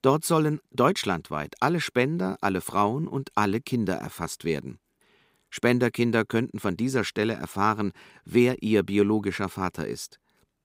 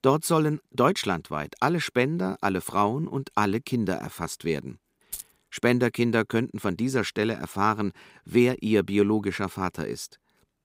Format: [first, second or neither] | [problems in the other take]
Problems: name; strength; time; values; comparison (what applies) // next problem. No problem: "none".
first | jangling keys; faint; at 5 s; peak 10 dB below the speech